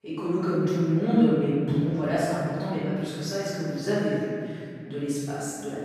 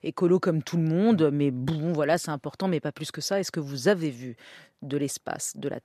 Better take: second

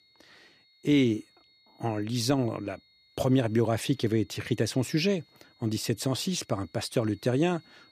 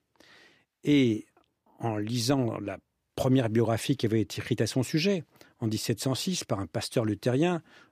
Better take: second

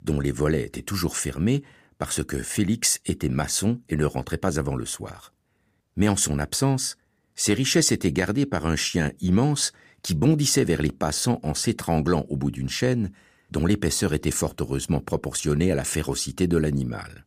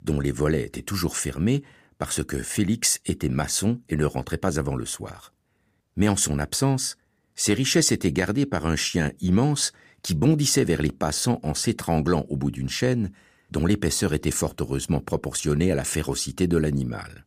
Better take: neither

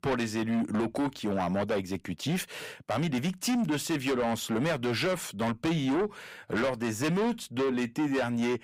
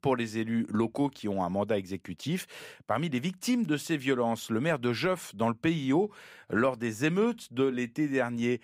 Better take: second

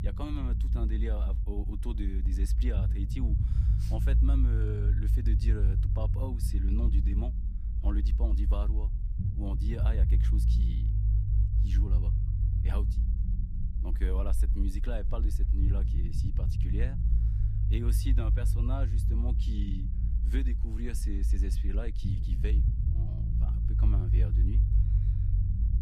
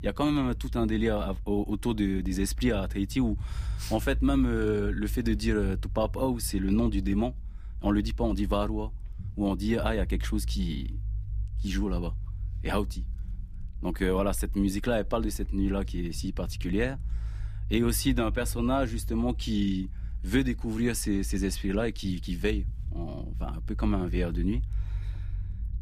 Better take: second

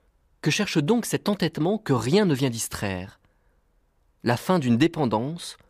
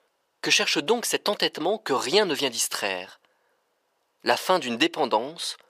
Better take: first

